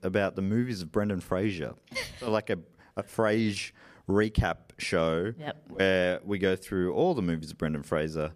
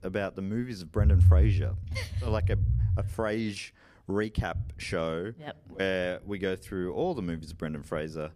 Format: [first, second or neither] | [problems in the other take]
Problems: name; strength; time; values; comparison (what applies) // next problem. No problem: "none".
first | low rumble; loud; throughout; 9 dB below the speech